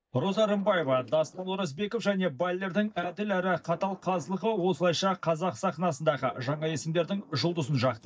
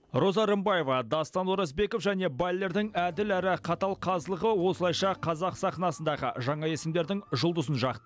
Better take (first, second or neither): second